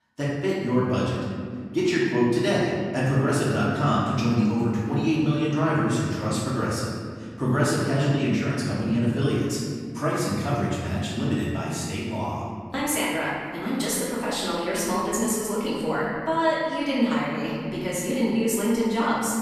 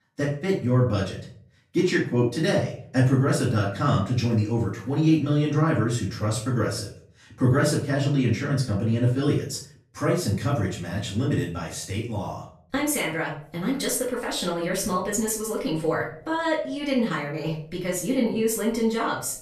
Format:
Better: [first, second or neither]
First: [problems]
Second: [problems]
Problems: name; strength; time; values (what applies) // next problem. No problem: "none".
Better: second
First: room echo; strong; dies away in 2 s // off-mic speech; far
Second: room echo; slight; dies away in 0.4 s // off-mic speech; far